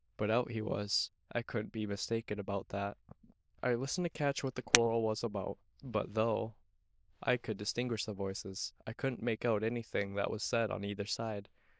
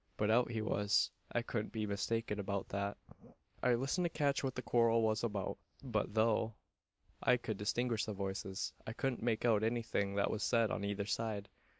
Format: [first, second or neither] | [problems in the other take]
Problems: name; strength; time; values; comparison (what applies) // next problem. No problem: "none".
second | noise reduction (neural diffusion model UNIVERSE++)